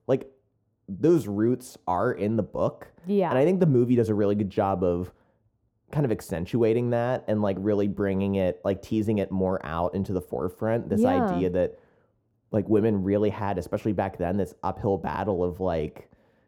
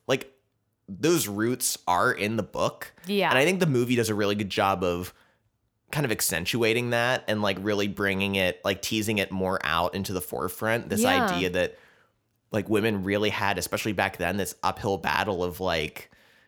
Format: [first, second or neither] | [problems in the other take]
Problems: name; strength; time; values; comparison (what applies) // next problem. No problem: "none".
second | muffled; very; fading above 1 kHz